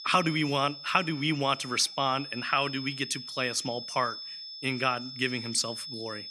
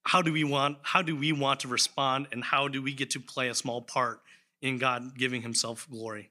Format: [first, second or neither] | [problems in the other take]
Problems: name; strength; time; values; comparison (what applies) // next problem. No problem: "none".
second | high-pitched whine; loud; throughout; 5 kHz, 10 dB below the speech